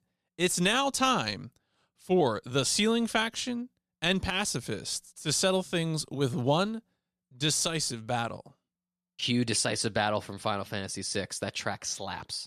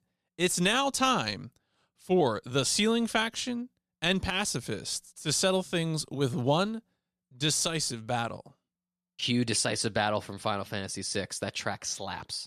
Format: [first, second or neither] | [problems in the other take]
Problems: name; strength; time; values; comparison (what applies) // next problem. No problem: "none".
neither | none